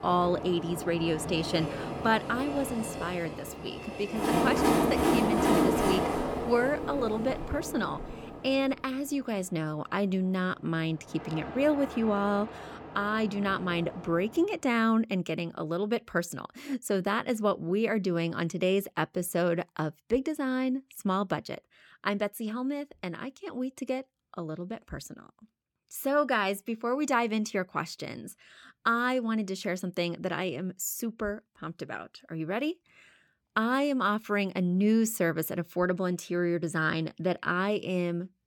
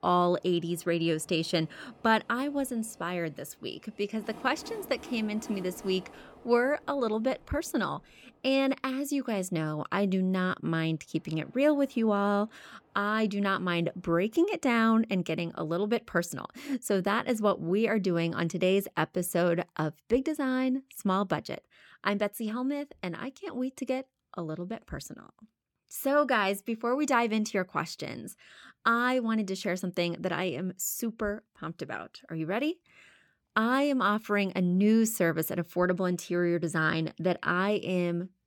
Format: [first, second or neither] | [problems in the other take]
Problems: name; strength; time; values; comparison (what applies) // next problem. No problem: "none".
second | train or aircraft noise; loud; until 14 s; 1 dB below the speech; faint in the second